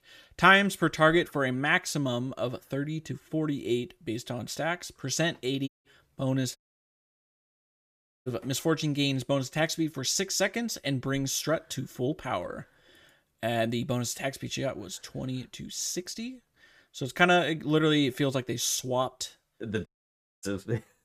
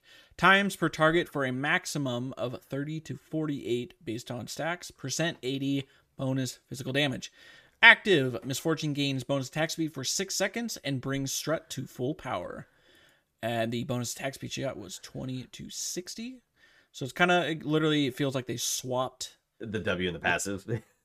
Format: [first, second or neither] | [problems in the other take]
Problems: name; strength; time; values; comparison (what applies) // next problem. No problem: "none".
second | audio cutting out; at 5.5 s, at 6.5 s for 1.5 s and at 20 s for 0.5 s